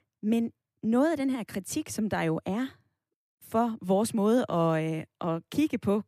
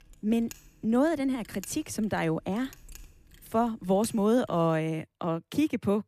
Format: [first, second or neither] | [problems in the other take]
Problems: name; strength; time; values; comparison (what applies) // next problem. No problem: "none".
first | machinery noise; faint; until 4.5 s; 25 dB below the speech